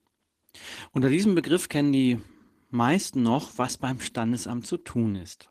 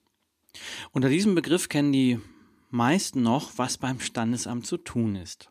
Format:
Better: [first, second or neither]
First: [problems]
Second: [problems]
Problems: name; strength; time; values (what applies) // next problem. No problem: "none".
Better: second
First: garbled, watery; slightly; nothing above 14.5 kHz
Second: none